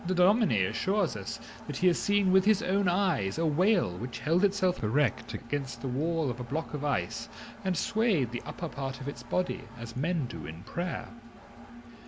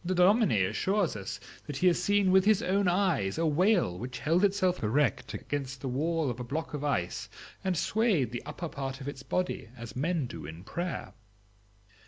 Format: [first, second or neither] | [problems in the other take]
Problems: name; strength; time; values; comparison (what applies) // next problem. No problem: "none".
second | background sound (Engine); 18 dB below the speech